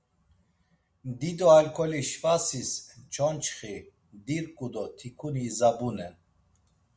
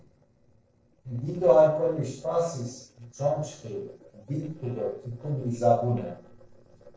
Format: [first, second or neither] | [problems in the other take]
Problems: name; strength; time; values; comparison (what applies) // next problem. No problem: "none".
first | noise reduction (neural separator model SepFormer DNS4)